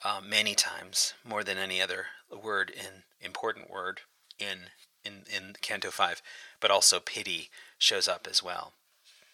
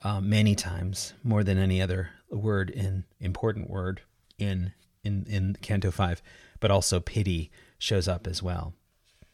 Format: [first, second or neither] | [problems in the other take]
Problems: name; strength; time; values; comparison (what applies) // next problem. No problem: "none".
second | thin; very; fading below 850 Hz